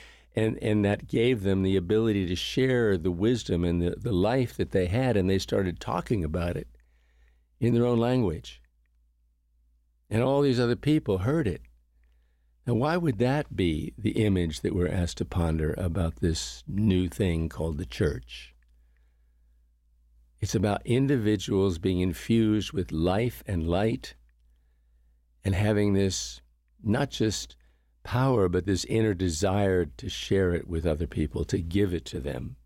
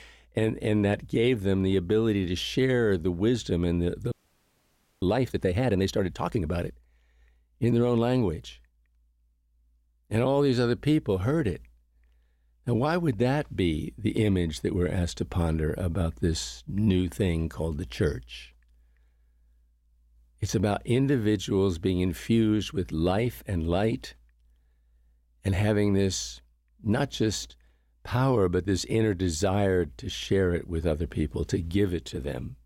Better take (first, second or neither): first